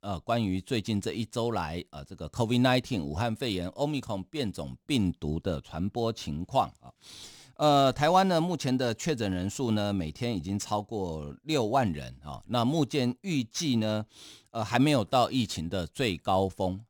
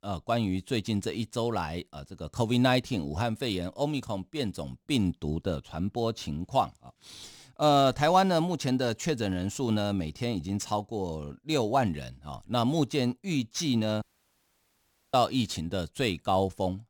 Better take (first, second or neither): first